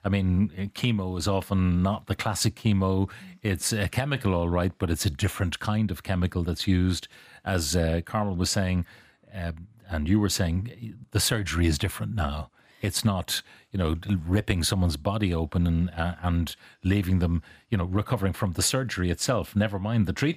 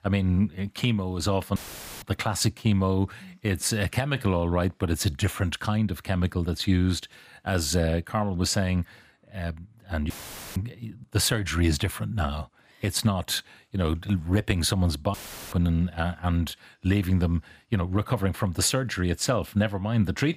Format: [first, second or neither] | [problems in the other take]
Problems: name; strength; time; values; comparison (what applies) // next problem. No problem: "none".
first | audio cutting out; filled with static; at 1.5 s, at 10 s and at 15 s